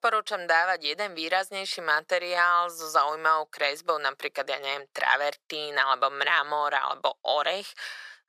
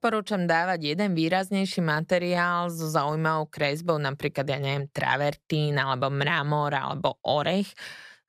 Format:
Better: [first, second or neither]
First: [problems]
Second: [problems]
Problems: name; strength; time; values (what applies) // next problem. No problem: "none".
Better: second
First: thin; very; fading below 500 Hz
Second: none